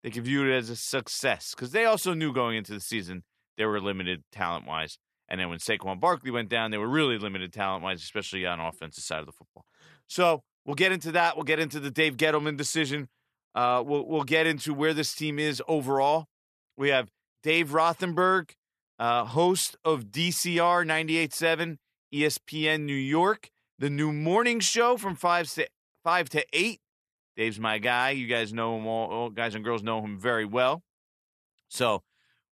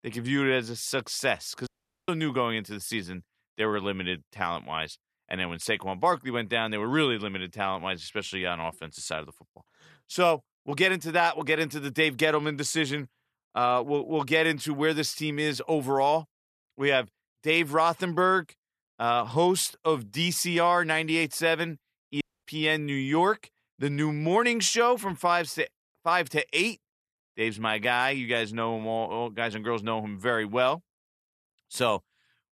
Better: first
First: none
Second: audio cutting out; at 1.5 s and at 22 s

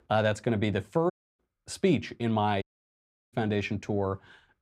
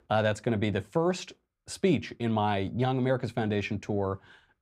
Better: second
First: audio cutting out; at 1 s and at 2.5 s for 0.5 s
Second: none

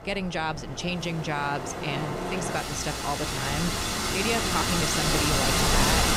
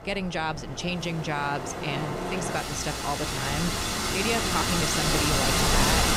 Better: neither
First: wind in the background; very loud; throughout; 4 dB above the speech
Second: wind in the background; very loud; throughout; 4 dB above the speech

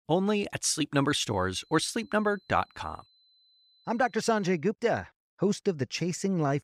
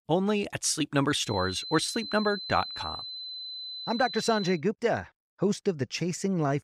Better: first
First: high-pitched whine; faint; from 1.5 to 4.5 s; 4 kHz, 35 dB below the speech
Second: high-pitched whine; loud; from 1.5 to 4.5 s; 4 kHz, 8 dB below the speech

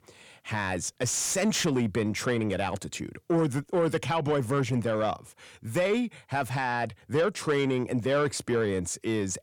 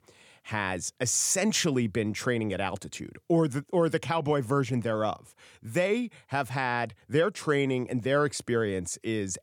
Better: second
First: distortion; slight; 10 dB below the speech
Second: none

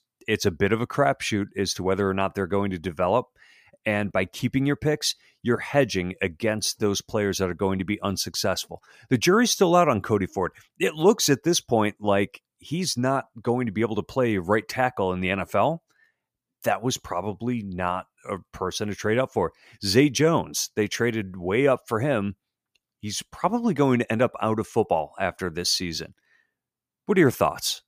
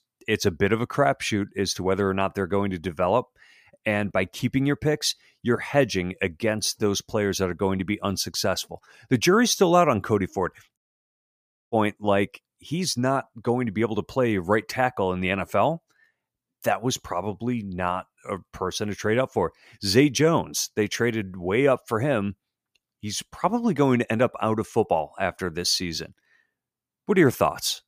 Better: first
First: none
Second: audio cutting out; at 11 s for 1 s

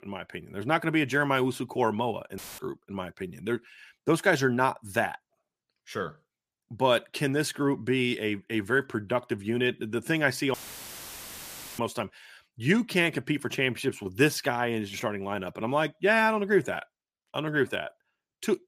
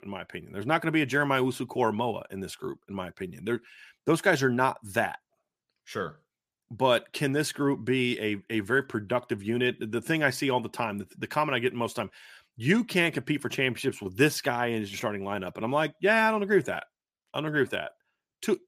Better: second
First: audio cutting out; filled with static; at 2.5 s and at 11 s for 1.5 s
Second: none

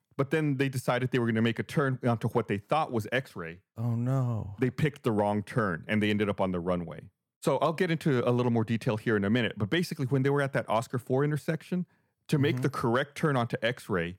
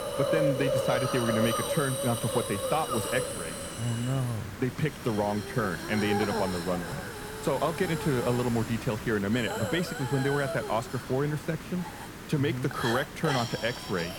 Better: first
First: none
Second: hiss; loud; throughout; 4 dB below the speech

